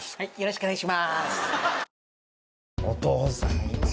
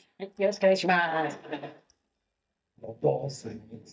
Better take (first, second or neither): first